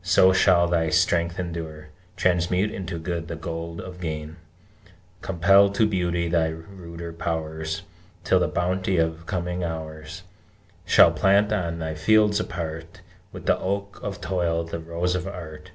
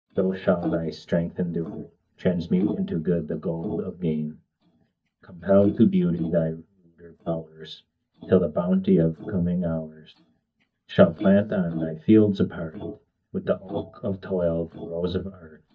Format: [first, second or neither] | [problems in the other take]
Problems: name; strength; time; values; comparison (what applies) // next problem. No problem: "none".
first | noise reduction (neural mask model DeepFilterNet 3)